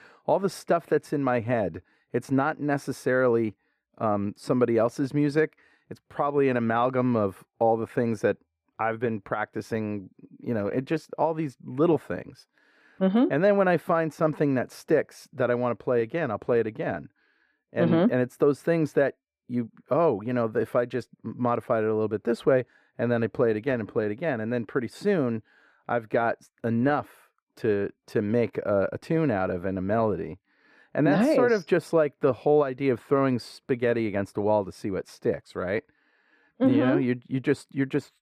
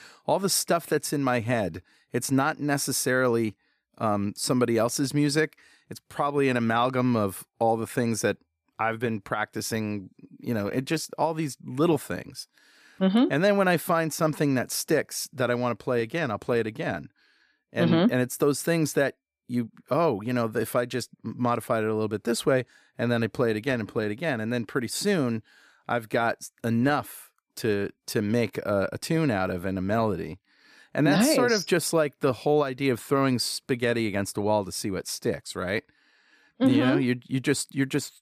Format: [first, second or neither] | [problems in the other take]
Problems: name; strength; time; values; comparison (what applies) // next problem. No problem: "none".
second | muffled; very; fading above 3.5 kHz